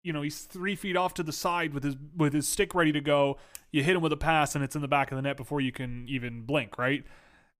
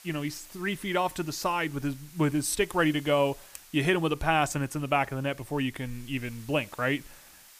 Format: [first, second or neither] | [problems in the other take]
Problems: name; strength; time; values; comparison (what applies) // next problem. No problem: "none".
first | hiss; faint; throughout; 20 dB below the speech